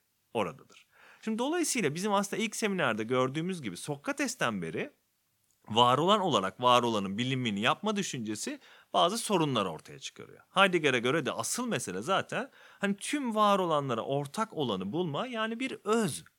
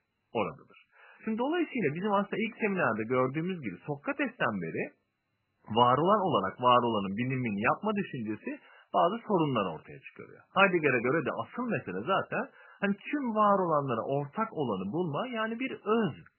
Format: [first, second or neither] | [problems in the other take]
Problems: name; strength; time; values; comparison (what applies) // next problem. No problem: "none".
first | garbled, watery; badly; nothing above 3 kHz